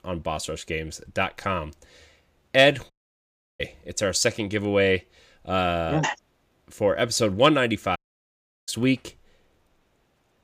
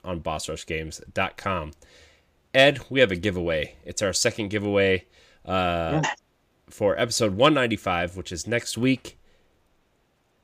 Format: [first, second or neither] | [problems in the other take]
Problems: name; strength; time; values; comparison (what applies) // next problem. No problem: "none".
second | audio cutting out; at 3 s for 0.5 s and at 8 s for 0.5 s